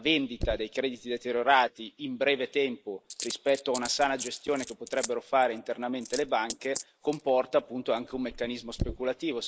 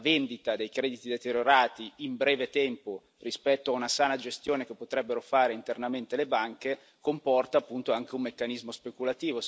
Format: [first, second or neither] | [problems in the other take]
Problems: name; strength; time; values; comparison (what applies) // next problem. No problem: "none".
second | noise reduction (neural mask model Resemble Enhance denoiser)